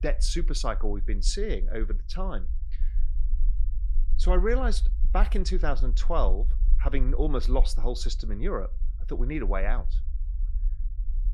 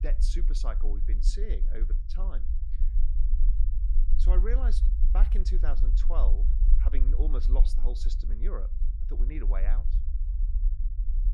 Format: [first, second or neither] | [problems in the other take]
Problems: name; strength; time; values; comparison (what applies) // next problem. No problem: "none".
first | low rumble; loud; throughout; 9 dB below the speech; faint in the first